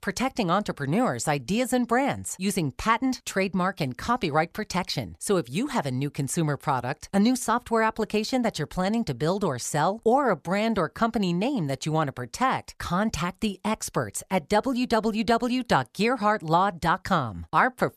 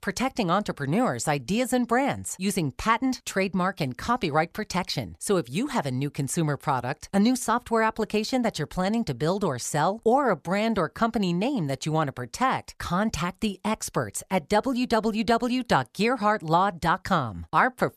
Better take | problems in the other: neither | none

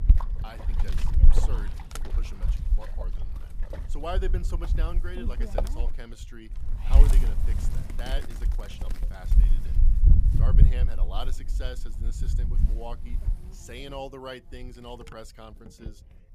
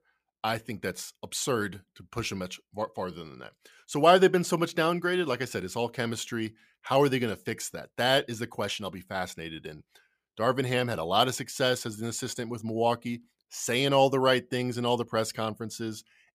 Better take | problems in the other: second | wind noise on the microphone; heavy; 2 dB below the speech

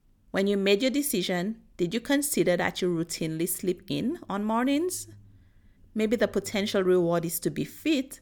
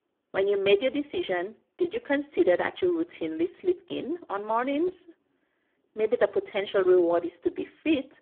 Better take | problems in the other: first | phone-call audio; poor line; nothing above 3.5 kHz

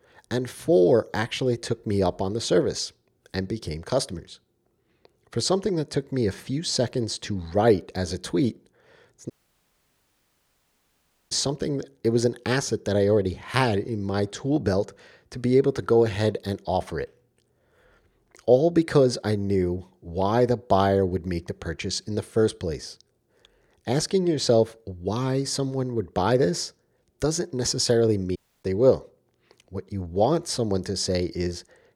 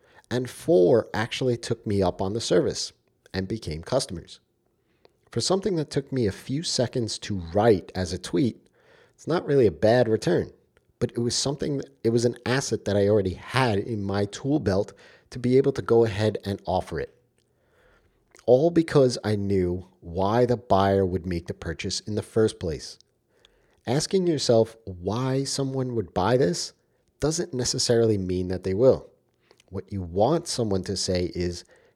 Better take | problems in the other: second | audio cutting out; at 9.5 s for 2 s and at 28 s

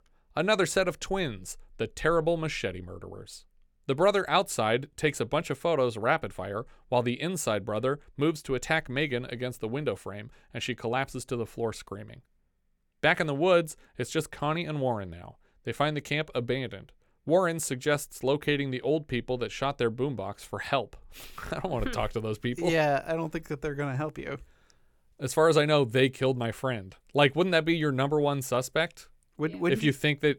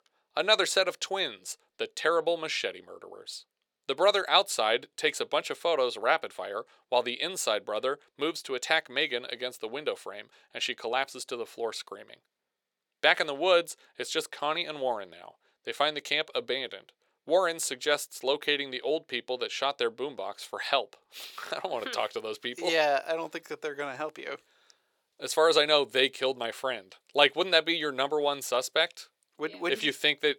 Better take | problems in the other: first | thin; somewhat; fading below 500 Hz

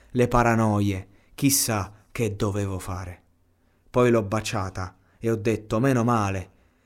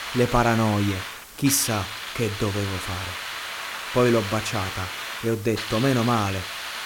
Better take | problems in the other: first | hiss; loud; throughout; 7 dB below the speech

